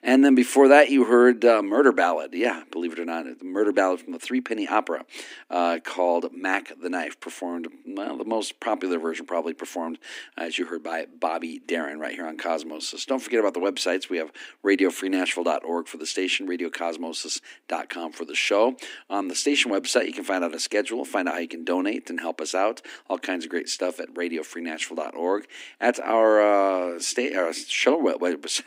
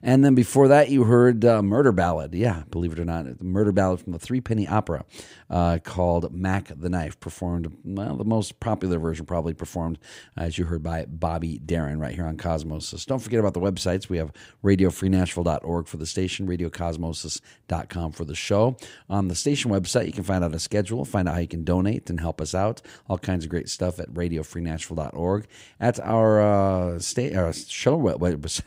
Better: second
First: thin; very slightly; fading below 250 Hz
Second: none

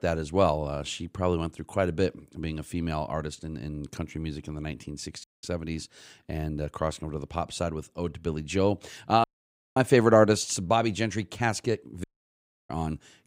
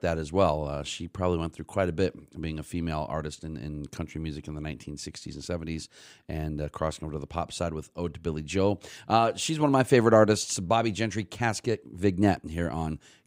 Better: second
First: audio cutting out; at 5 s, at 9 s for 0.5 s and at 12 s for 0.5 s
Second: none

